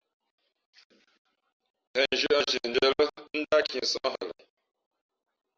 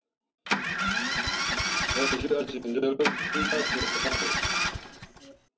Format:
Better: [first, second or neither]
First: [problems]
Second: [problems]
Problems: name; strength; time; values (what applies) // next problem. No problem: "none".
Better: first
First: none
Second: background sound (Engine starting); 4 dB above the speech // room echo; dies away in 0.3 s